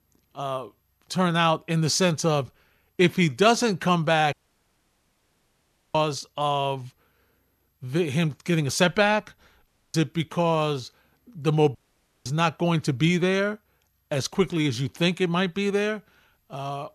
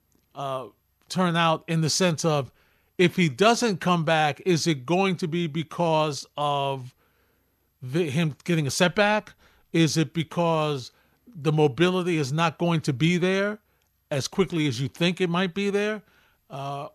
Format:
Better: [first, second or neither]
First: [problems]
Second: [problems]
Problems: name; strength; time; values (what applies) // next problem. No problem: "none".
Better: second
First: audio cutting out; at 4.5 s for 1.5 s, at 9.5 s and at 12 s for 0.5 s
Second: none